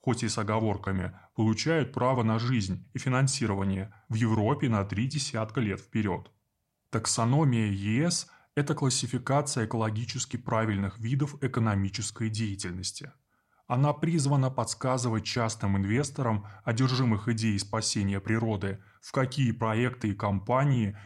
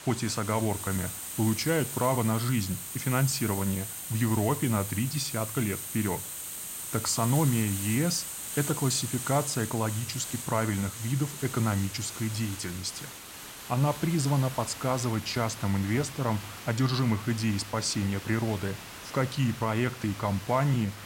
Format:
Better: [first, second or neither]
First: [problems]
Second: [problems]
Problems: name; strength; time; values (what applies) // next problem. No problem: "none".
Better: first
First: none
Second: hiss; loud; throughout; 7 dB below the speech